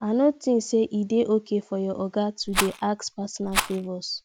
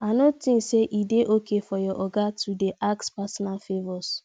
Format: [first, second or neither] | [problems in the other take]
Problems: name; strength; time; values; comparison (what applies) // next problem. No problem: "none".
second | background sound (Rattle); 5 dB below the speech